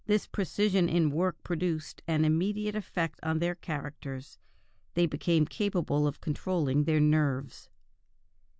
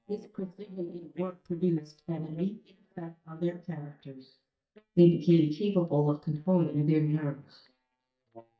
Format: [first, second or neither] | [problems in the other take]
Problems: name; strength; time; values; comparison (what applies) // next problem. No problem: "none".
first | noise reduction (neural mask model DeepFilterNet 3)